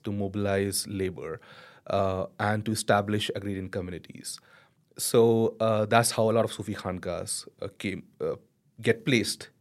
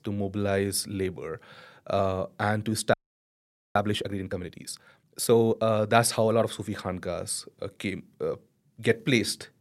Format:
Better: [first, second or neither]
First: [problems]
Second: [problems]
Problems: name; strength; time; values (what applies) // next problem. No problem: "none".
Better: first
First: none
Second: audio freezing; at 3 s for 1 s